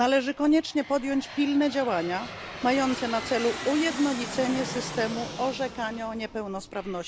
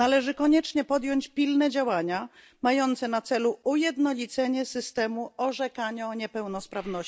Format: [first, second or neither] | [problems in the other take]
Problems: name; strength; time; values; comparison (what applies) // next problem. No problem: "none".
second | background sound (Aircraft); 11 dB below the speech